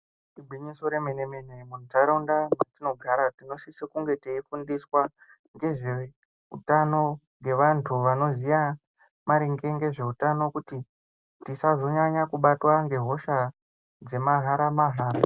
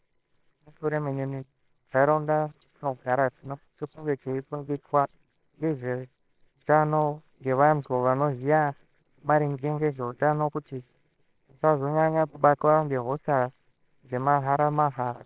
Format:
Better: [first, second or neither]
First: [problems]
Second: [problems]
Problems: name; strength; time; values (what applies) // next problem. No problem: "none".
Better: first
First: none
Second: noise reduction (neural separator model SepFormer WHAMR!)